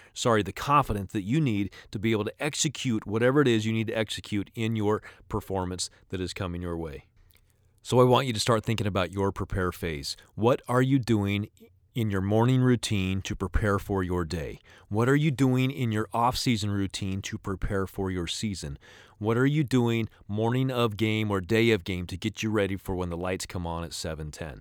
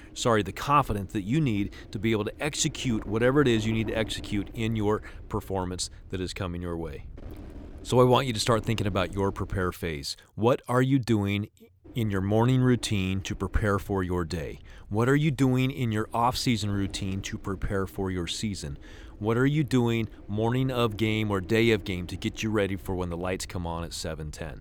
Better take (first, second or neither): first